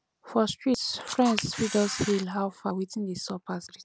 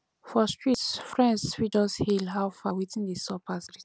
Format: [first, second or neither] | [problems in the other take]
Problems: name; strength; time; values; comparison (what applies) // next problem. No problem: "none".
second | background sound (Camera); 7 dB below the speech